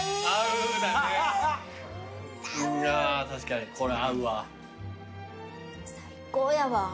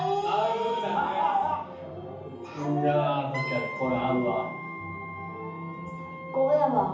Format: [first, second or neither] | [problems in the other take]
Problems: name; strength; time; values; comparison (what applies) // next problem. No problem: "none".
first | background sound (Wind instrument, woodwind instrument); 11 dB below the speech // room echo; dies away in 0.7 s